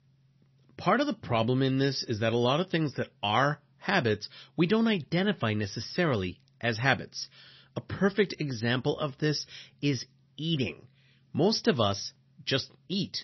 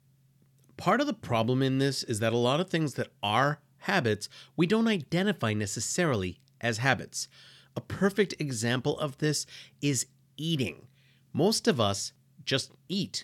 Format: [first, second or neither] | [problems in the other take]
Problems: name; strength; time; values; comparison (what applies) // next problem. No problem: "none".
second | garbled, watery; slightly; nothing above 6 kHz